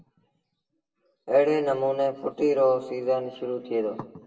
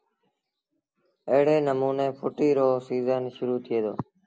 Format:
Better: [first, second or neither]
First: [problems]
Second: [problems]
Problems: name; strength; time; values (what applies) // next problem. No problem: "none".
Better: second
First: room echo; dies away in 0.9 s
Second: none